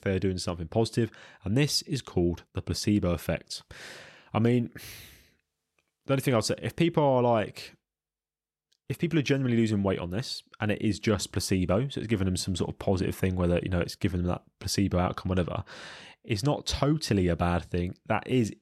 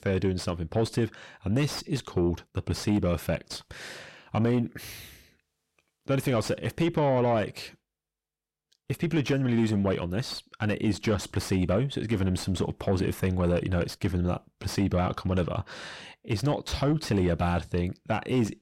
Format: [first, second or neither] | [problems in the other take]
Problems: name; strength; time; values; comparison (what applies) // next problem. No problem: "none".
first | distortion; slight; 10 dB below the speech